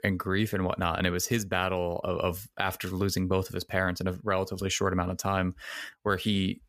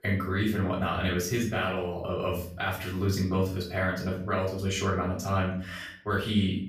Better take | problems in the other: first | off-mic speech; far // room echo; noticeable; dies away in 0.5 s

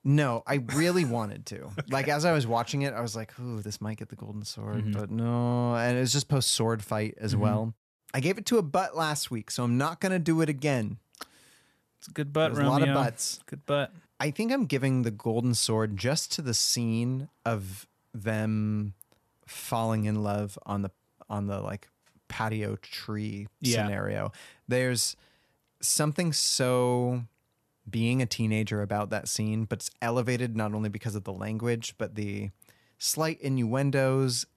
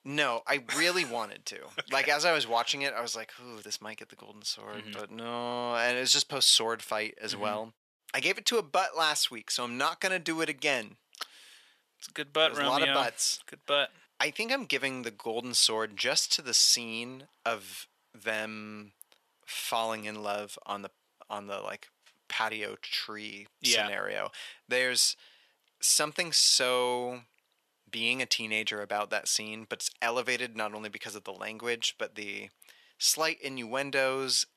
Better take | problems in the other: first | thin; very; fading below 450 Hz

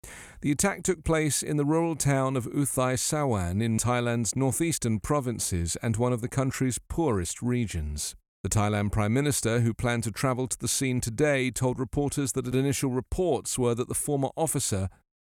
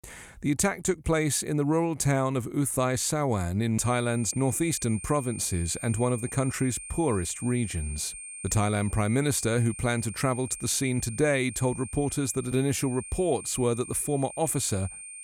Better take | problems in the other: first | high-pitched whine; noticeable; from 4 s on; 9 kHz, 10 dB below the speech

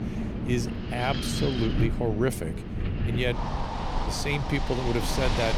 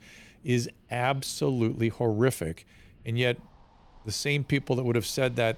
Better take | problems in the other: second | wind in the background; loud; throughout; 2 dB below the speech; faint in the second

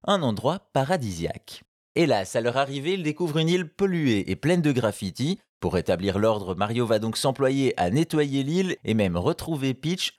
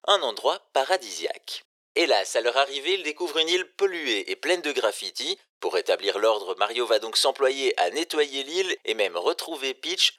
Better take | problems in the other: first | thin; very; fading below 400 Hz

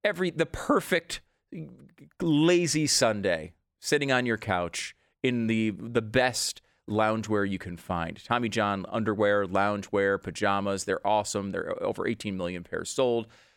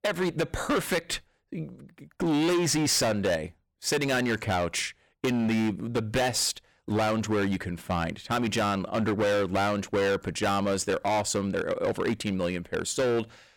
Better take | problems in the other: first | distortion; heavy; 17% of the sound clipped

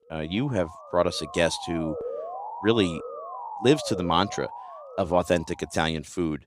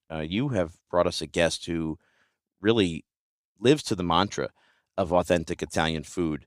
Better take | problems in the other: second | siren; noticeable; until 5.5 s; peak 7 dB below the speech

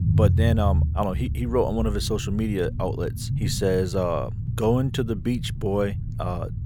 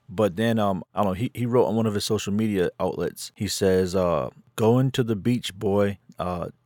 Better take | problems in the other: second | low rumble; noticeable; throughout; 15 dB below the speech

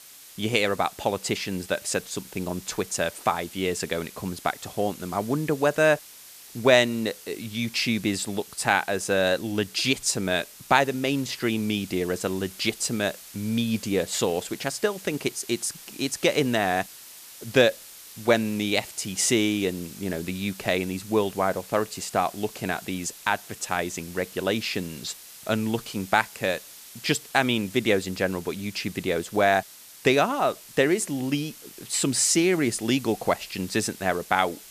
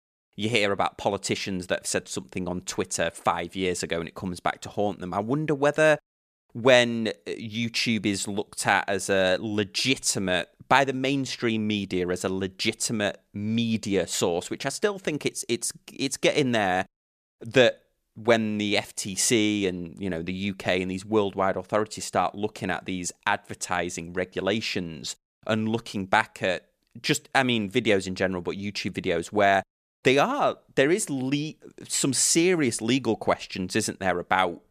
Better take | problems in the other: second | hiss; noticeable; throughout; 15 dB below the speech

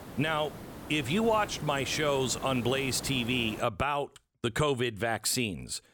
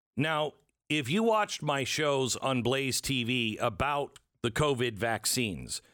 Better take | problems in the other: second | hiss; noticeable; until 3.5 s; 15 dB below the speech

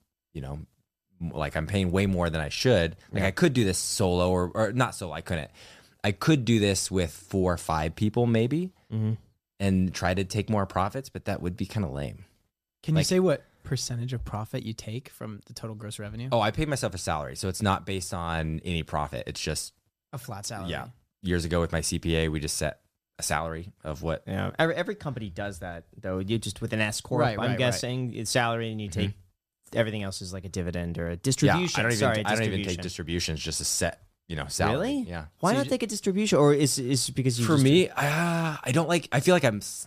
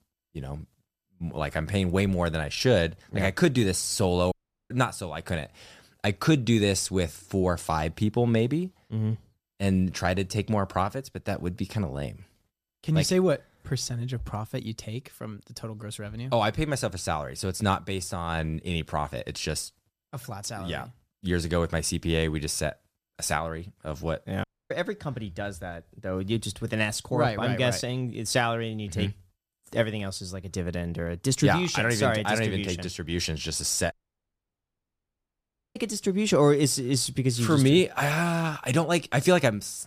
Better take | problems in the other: first | audio cutting out; at 4.5 s, at 24 s and at 34 s for 2 s

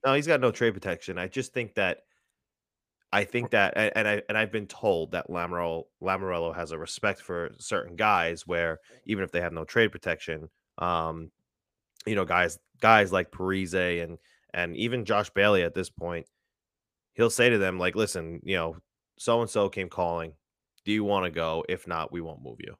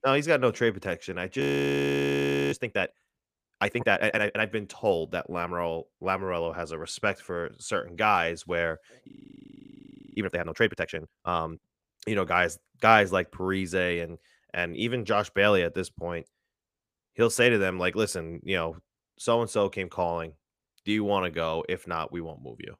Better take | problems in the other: first | audio freezing; at 1.5 s for 1 s and at 9 s for 1 s

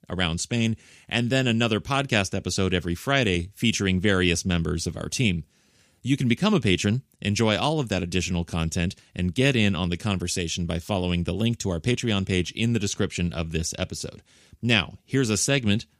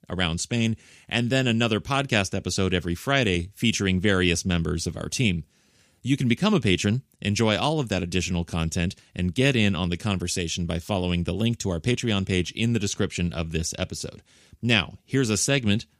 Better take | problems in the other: neither | none

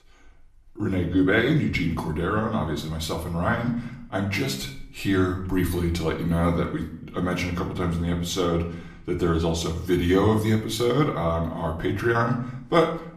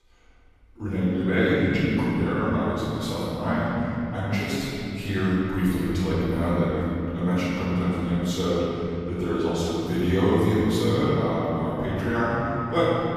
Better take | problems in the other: first | room echo; strong; dies away in 3 s; slight in the first // off-mic speech; far; far in the first

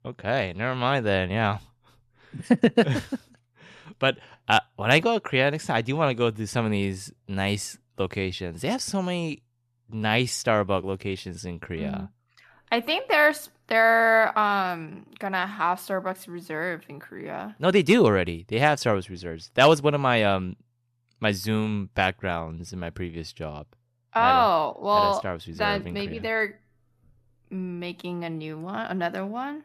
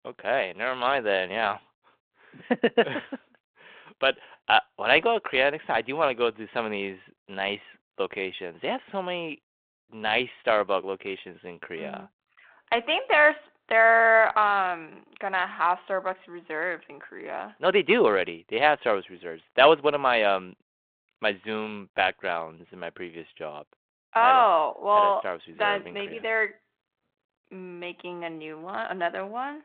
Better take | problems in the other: first | phone-call audio

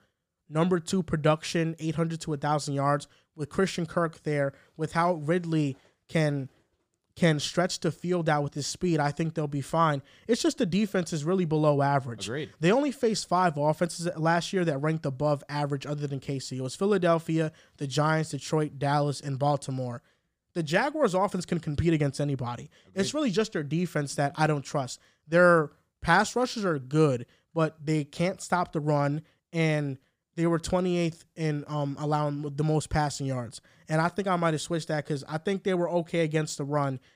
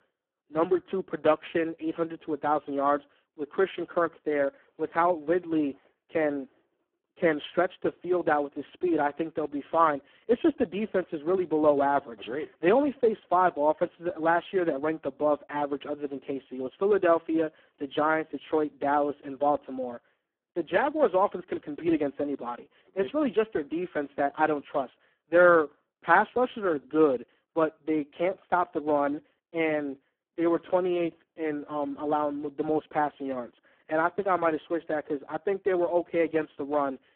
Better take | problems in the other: first | phone-call audio; poor line

